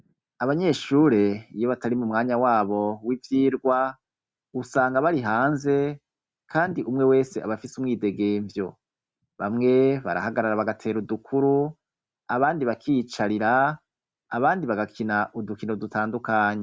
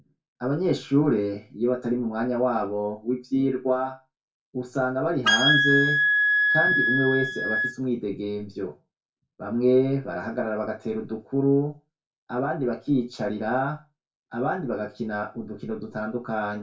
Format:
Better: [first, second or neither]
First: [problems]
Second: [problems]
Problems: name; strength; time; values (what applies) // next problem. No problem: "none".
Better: first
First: none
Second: background sound (Wind instrument, woodwind instrument); 4 dB above the speech // room echo; dies away in 0.2 s